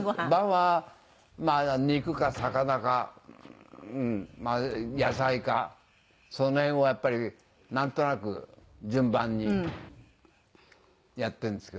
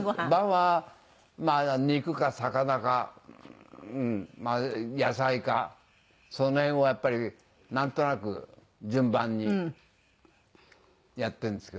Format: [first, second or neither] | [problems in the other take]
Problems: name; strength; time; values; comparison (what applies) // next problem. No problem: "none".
second | background sound (Sliding door); 17 dB below the speech